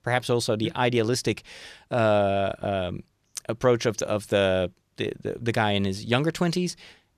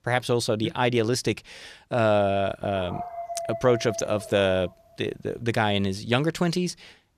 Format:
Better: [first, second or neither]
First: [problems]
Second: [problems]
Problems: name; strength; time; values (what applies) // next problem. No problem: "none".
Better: first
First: none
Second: dog barking; noticeable; from 3 to 4.5 s; peak 9 dB below the speech